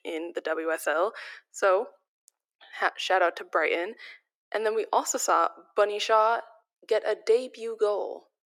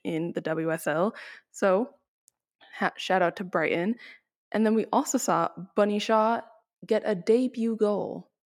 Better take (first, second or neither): second